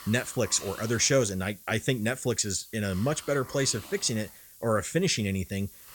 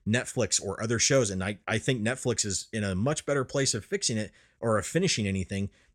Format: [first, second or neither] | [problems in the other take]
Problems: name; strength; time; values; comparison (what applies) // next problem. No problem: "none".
second | hiss; noticeable; throughout; 20 dB below the speech